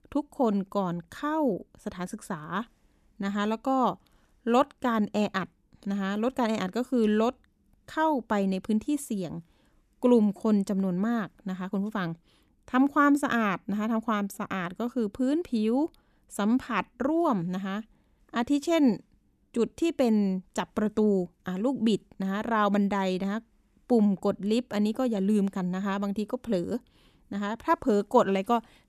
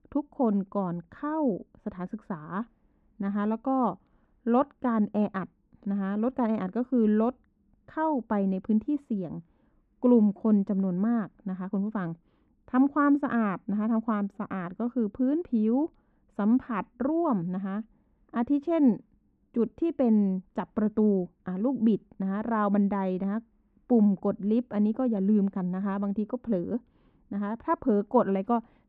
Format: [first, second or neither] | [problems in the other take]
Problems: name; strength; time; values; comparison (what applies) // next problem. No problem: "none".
first | muffled; very; fading above 1.5 kHz